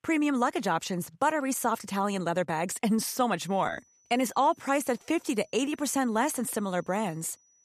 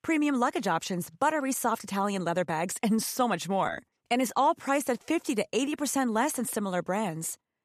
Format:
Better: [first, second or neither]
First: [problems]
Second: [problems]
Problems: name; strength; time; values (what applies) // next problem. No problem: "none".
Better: second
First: high-pitched whine; faint; from 3.5 s on; 6 kHz, 35 dB below the speech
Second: none